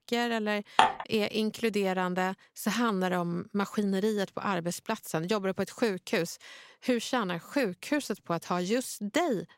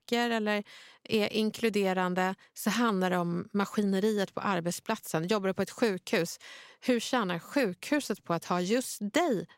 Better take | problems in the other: second | clattering dishes; loud; at 1 s; peak 5 dB above the speech

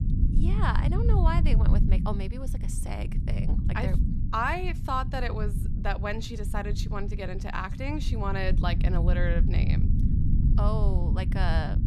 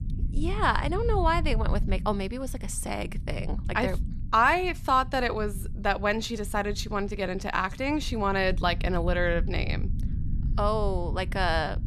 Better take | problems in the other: second | low rumble; loud; throughout; 8 dB below the speech; faint in the second

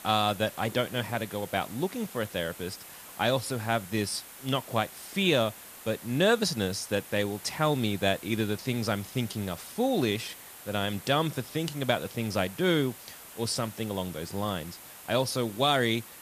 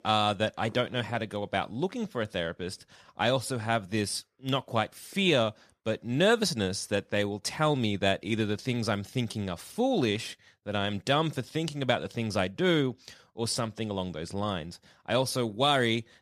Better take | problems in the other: second | hiss; noticeable; throughout; 15 dB below the speech

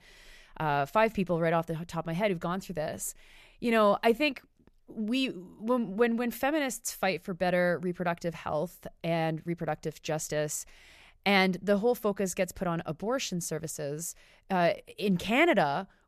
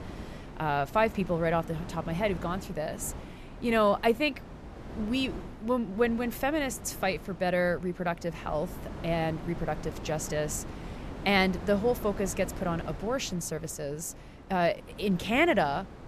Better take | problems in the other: first | wind noise on the microphone; occasional gusts; 15 dB below the speech

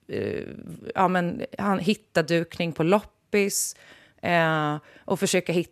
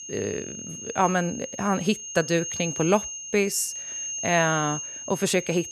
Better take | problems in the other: first | high-pitched whine; loud; throughout; 6.5 kHz, 7 dB below the speech

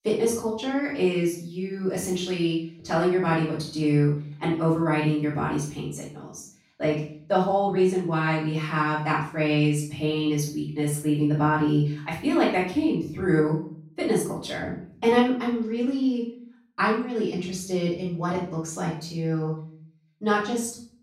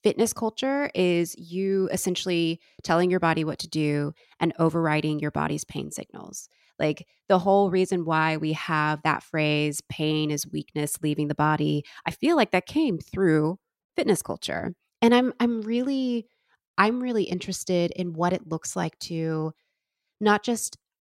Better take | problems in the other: second | room echo; noticeable; dies away in 0.5 s // off-mic speech; far

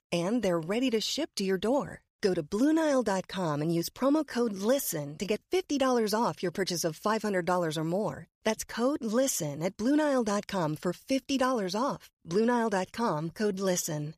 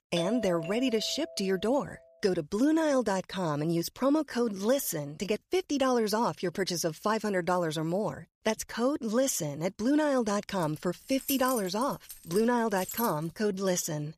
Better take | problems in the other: first | doorbell; noticeable; until 1.5 s; peak 7 dB below the speech // jangling keys; noticeable; from 11 to 13 s; peak 5 dB below the speech

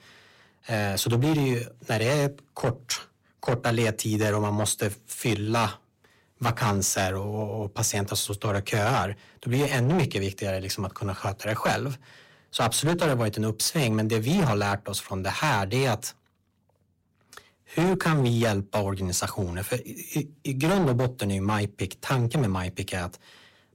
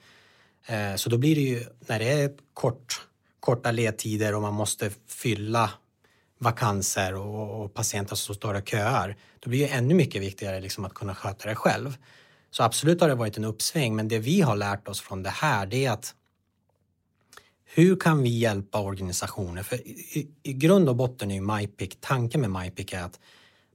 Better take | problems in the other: second | distortion; heavy; 9% of the sound clipped

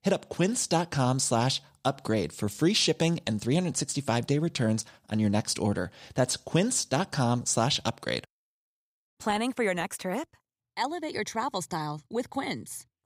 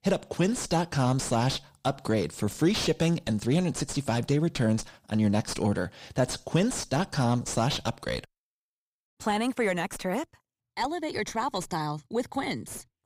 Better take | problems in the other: first | distortion; slight; 8 dB below the speech

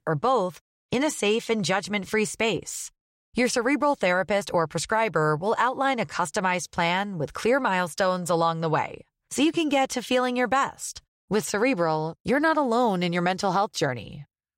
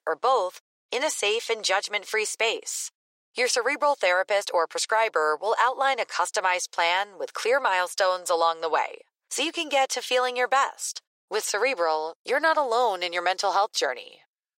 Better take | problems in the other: first | thin; very; fading below 450 Hz

